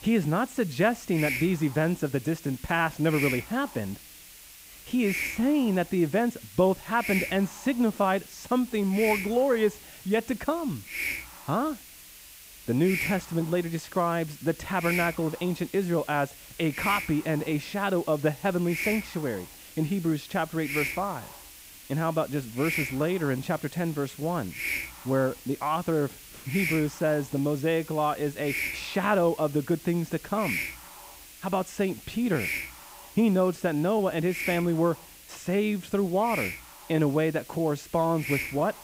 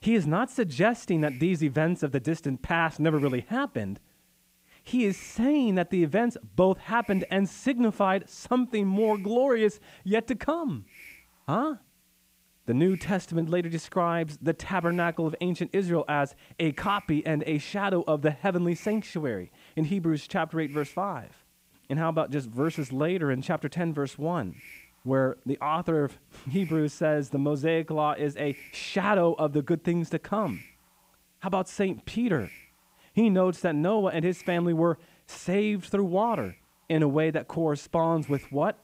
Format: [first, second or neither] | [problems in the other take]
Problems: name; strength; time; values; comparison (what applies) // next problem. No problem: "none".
second | hiss; loud; throughout; 8 dB below the speech; faint in the second